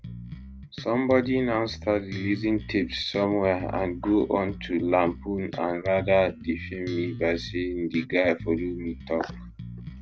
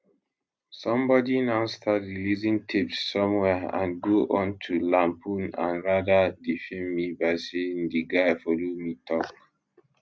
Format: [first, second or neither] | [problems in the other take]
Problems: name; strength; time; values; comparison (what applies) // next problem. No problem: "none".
second | background sound (Bass guitar); 13 dB below the speech